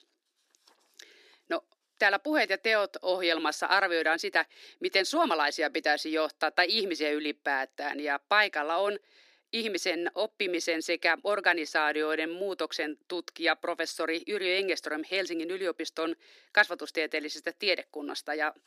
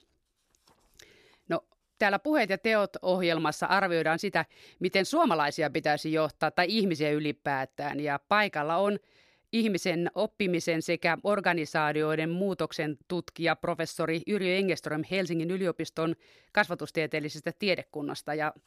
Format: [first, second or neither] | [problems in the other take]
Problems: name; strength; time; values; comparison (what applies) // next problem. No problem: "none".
second | thin; somewhat; fading below 250 Hz